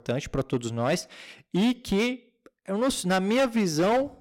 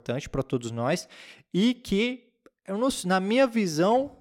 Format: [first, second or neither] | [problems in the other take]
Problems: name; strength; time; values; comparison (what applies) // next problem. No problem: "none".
second | distortion; slight; 10% of the sound clipped